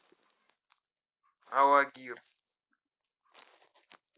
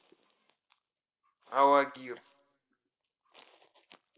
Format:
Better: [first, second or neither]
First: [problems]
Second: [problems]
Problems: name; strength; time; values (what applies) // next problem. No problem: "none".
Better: first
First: none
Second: room echo; dies away in 0.4 s